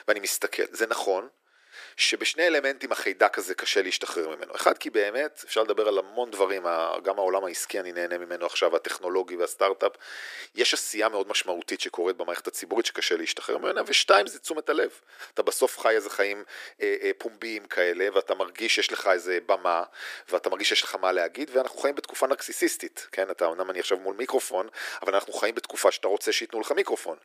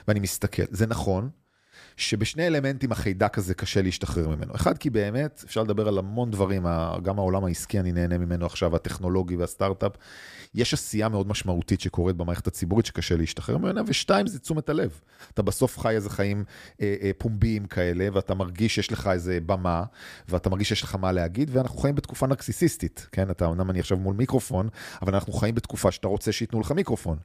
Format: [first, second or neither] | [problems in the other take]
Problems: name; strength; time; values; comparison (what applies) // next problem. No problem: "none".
second | thin; very; fading below 350 Hz